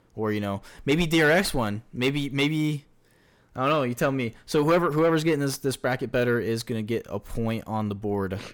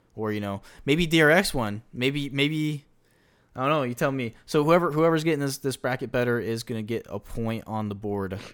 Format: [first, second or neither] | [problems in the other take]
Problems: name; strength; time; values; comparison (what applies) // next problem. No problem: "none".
second | distortion; slight; 10 dB below the speech